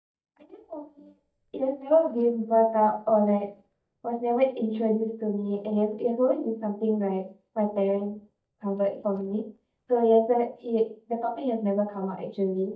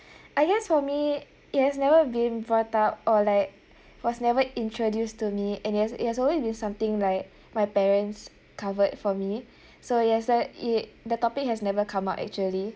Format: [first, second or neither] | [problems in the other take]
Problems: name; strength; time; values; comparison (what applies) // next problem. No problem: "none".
second | noise reduction (neural mask model DeepFilterNet 3)